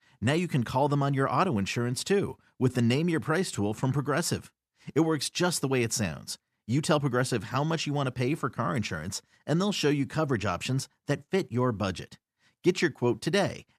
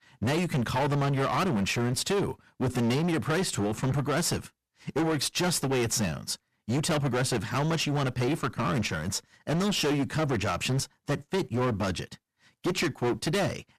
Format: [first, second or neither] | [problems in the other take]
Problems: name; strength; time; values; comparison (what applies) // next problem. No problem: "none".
first | distortion; heavy; 22% of the sound clipped